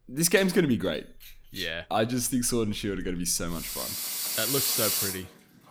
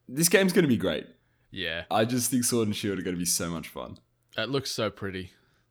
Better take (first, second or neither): second